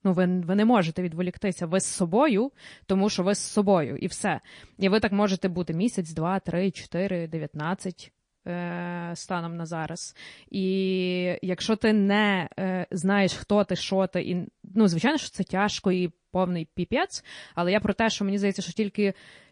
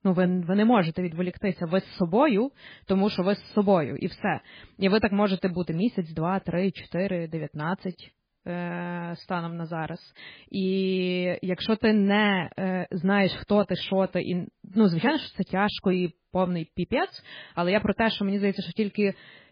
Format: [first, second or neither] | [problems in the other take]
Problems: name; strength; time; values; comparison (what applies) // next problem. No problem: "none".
first | garbled, watery; badly; slightly in the first